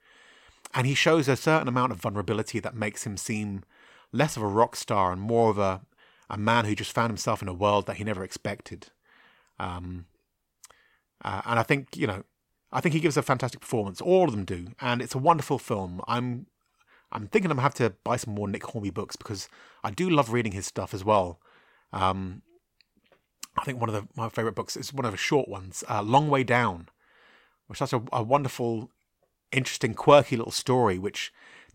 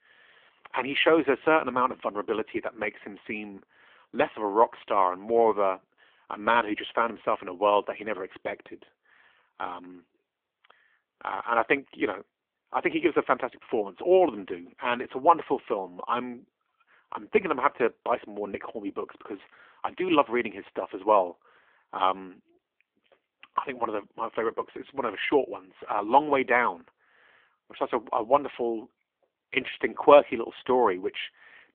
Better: first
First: none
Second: phone-call audio; nothing above 3.5 kHz

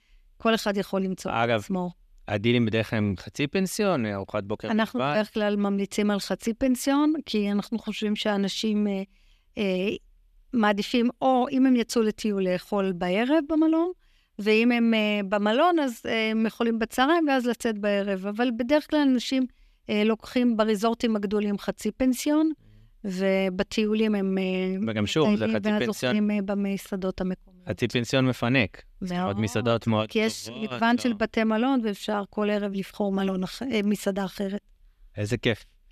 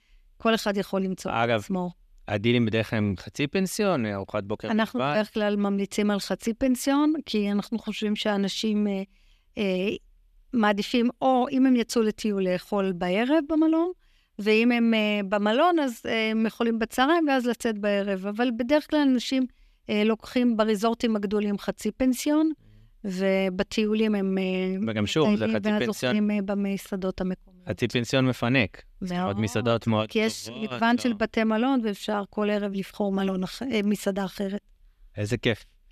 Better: neither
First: none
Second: none

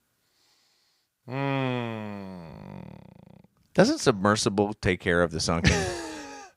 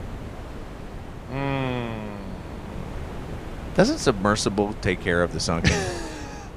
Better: first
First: none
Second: wind noise on the microphone; occasional gusts; 15 dB below the speech

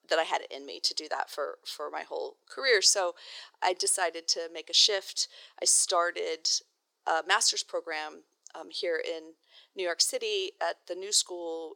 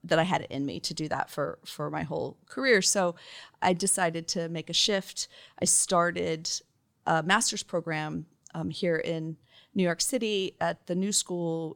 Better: second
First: thin; very; fading below 400 Hz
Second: none

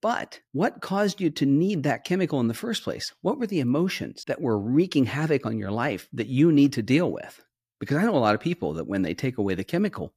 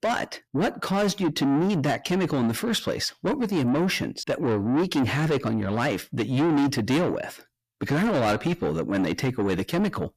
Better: first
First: none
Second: distortion; heavy; 7 dB below the speech

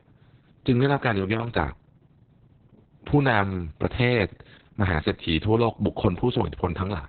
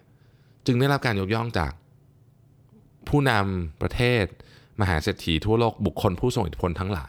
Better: second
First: garbled, watery; badly; nothing above 4 kHz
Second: none

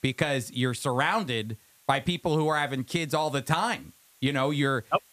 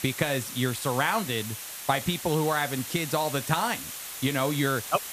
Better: first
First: hiss; faint; throughout; 30 dB below the speech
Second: hiss; loud; throughout; 7 dB below the speech

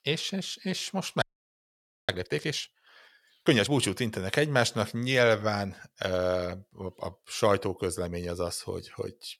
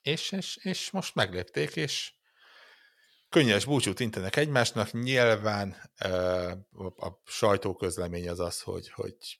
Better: second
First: audio freezing; at 1 s for 1 s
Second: none

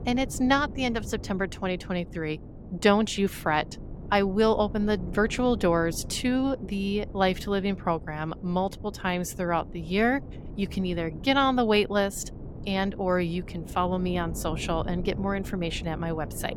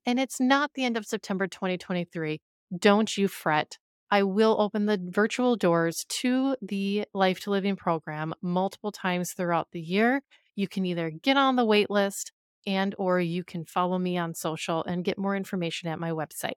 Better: second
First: wind noise on the microphone; occasional gusts; 20 dB below the speech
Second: none

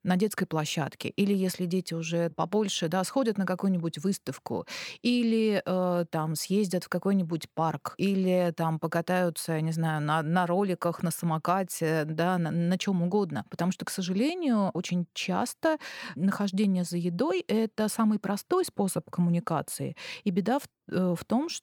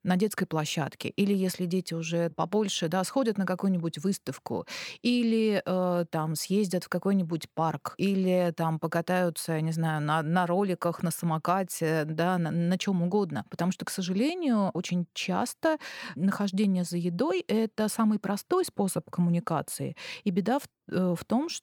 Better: neither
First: none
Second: none

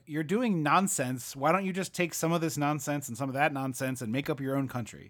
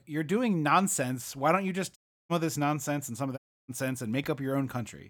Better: first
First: none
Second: audio cutting out; at 2 s and at 3.5 s

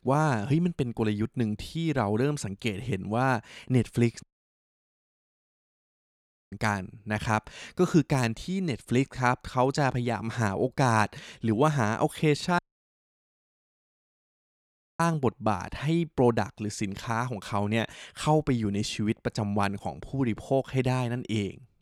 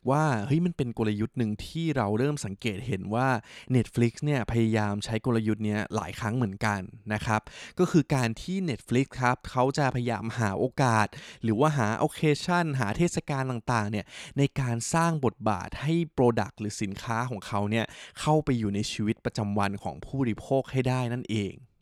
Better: second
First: audio cutting out; at 4 s for 2.5 s and at 13 s for 2.5 s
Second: none

